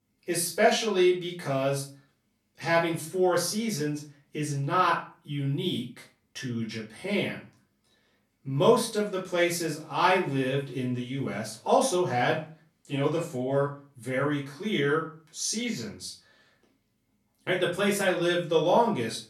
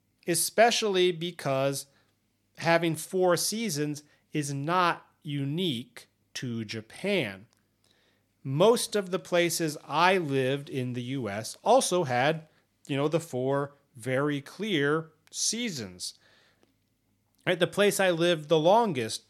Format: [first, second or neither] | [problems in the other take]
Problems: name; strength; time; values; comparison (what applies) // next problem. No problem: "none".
second | off-mic speech; far // room echo; slight; dies away in 0.3 s